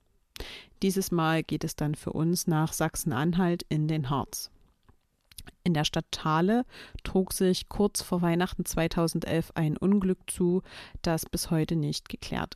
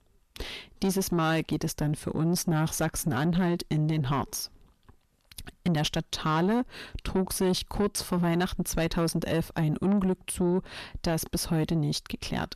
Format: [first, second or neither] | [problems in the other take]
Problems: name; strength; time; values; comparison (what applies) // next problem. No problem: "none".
first | distortion; slight; 10 dB below the speech